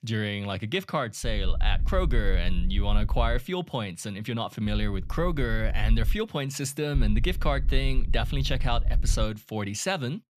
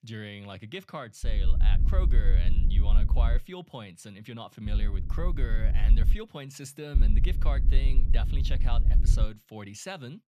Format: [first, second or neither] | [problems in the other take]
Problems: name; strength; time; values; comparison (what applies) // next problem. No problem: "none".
first | wind noise on the microphone; heavy; from 1 to 3.5 s, from 4.5 to 6 s and from 7 to 9 s; 7 dB below the speech; occasional gusts in the first